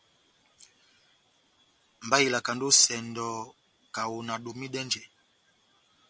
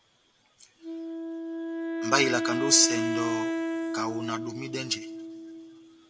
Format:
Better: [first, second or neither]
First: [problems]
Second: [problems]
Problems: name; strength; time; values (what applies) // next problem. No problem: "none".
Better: first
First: none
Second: background sound (Wind instrument, woodwind instrument); 1 dB below the speech // room echo; dies away in 1.6 s